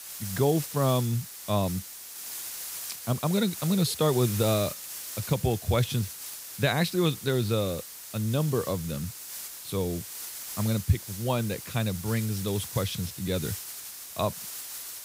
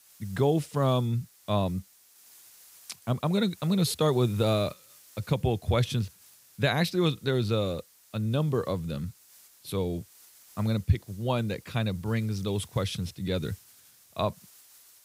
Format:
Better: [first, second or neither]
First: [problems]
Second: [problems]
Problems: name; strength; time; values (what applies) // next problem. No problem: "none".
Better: second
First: hiss; loud; throughout; 8 dB below the speech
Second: hiss; faint; throughout; 25 dB below the speech